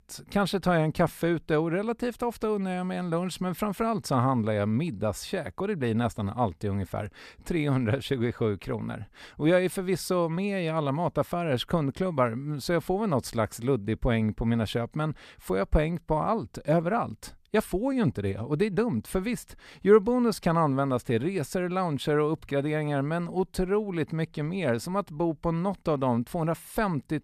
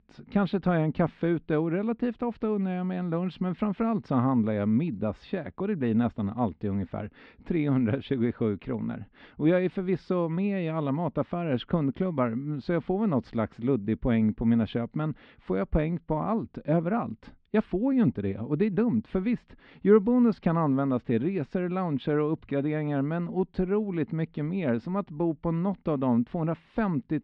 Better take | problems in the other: first | muffled; slightly; fading above 3.5 kHz

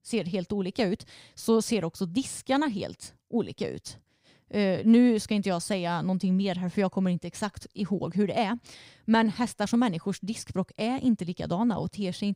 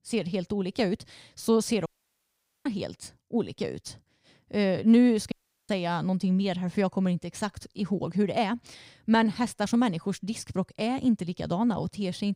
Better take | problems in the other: first | audio cutting out; at 2 s for 1 s and at 5.5 s

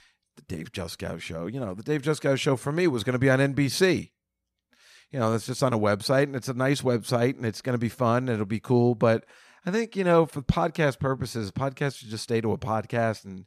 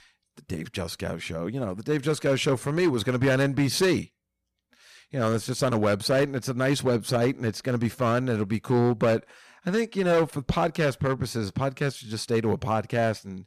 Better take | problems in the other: first | distortion; slight; 5% of the sound clipped

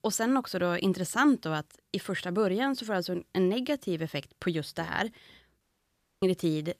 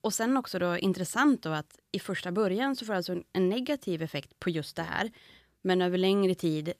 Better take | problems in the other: second | audio cutting out; at 5.5 s for 0.5 s

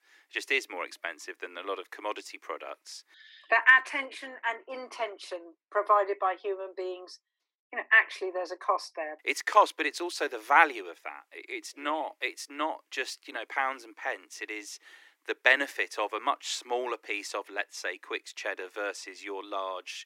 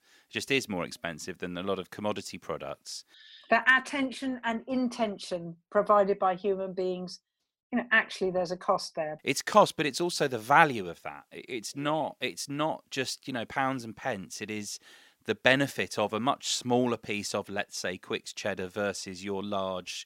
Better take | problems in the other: second | thin; very; fading below 300 Hz

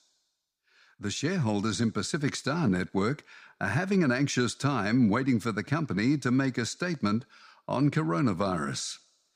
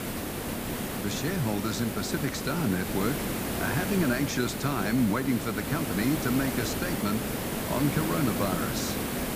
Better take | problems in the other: first | hiss; loud; throughout; 2 dB below the speech

